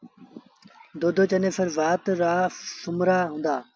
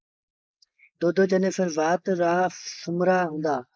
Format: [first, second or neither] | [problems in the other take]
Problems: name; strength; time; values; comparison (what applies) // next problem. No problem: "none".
first | noise reduction (neural mask model Resemble Enhance denoiser)